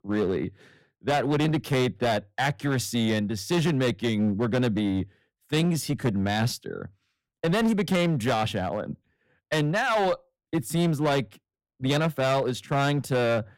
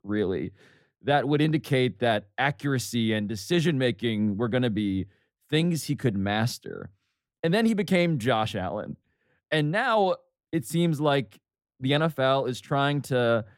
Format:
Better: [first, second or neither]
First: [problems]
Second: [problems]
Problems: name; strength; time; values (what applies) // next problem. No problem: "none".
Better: second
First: distortion; slight; 12% of the sound clipped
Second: none